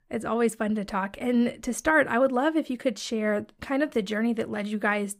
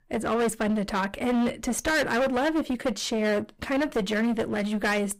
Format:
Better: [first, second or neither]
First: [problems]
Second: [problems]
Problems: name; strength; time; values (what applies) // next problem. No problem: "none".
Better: first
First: none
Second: distortion; heavy; 23% of the sound clipped